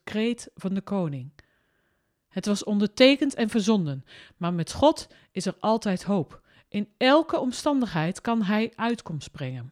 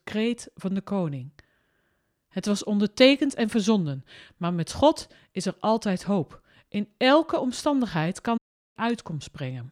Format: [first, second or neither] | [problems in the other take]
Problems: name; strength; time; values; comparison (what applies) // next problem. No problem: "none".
first | audio cutting out; at 8.5 s